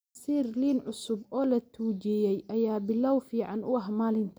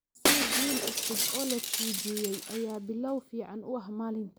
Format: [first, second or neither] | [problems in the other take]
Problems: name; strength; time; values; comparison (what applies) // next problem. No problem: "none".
first | background sound (Shatter); 3 dB above the speech